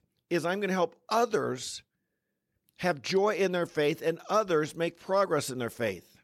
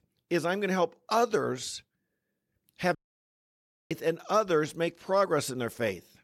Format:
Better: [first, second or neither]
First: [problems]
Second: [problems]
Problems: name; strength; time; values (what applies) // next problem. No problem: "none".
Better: first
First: none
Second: audio cutting out; at 3 s for 1 s